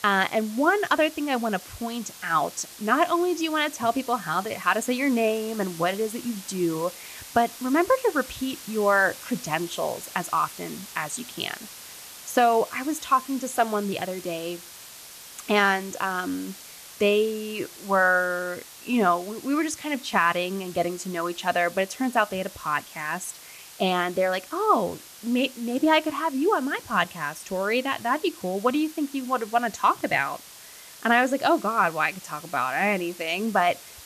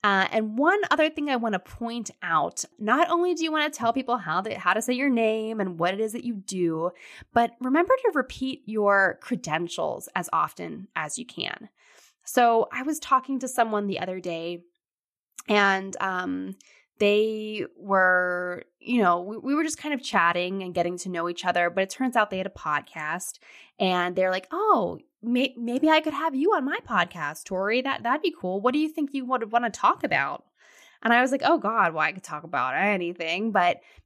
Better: second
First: hiss; noticeable; throughout; 15 dB below the speech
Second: none

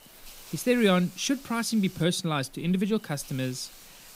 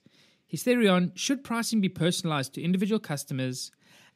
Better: second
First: hiss; faint; throughout; 20 dB below the speech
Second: none

